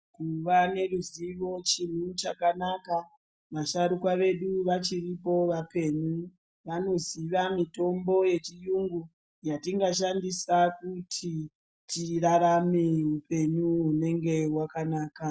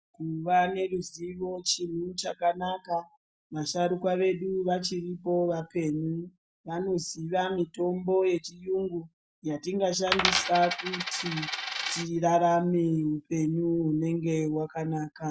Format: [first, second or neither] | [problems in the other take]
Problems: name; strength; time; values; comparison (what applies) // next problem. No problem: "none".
first | background sound (Coin (dropping)); 2 dB below the speech